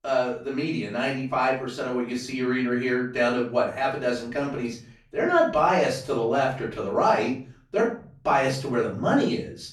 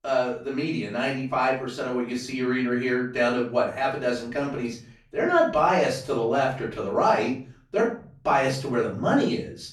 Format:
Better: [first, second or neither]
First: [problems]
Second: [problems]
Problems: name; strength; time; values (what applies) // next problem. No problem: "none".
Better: neither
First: room echo; slight; dies away in 0.4 s // off-mic speech; far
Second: room echo; slight; dies away in 0.4 s // off-mic speech; far